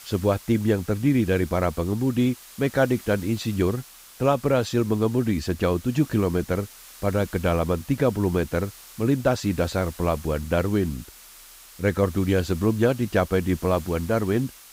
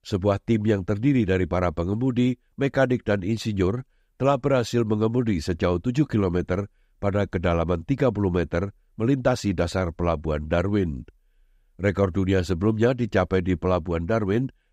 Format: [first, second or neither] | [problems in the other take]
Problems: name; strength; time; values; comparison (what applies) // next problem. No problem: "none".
second | hiss; noticeable; throughout; 20 dB below the speech